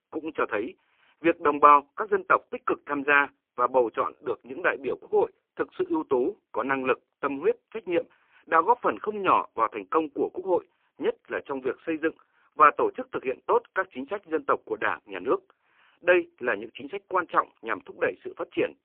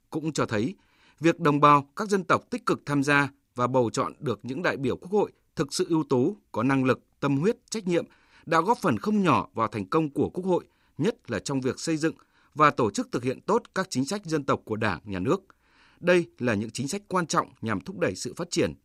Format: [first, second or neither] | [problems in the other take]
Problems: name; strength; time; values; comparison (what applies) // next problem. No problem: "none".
second | phone-call audio; poor line